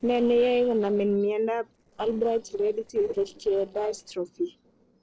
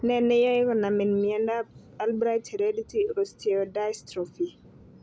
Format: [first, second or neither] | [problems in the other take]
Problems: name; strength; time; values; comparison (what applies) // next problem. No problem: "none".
second | noise reduction (neural separator model SepFormer DNS4)